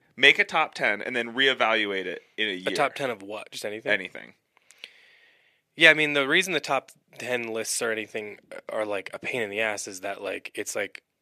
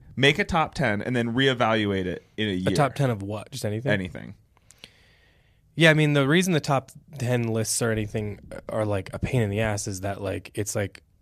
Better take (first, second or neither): second